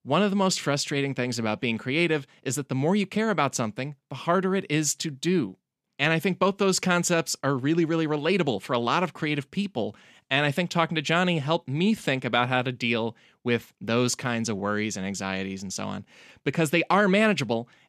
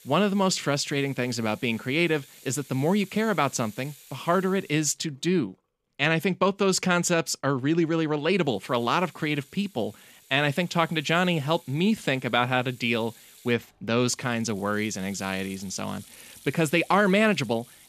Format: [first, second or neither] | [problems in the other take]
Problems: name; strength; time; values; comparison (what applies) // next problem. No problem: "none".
first | household noises; faint; throughout; 25 dB below the speech